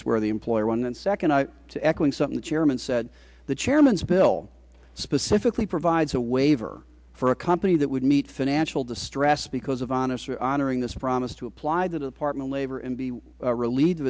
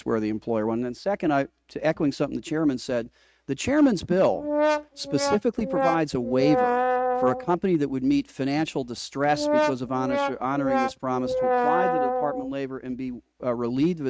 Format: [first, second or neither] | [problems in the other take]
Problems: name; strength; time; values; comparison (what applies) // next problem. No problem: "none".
first | noise reduction (neural mask model RNNoise)